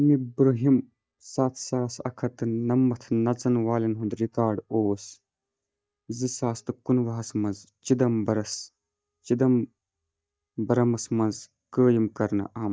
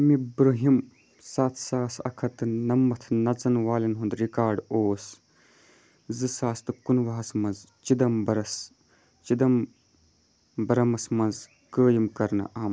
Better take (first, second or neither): second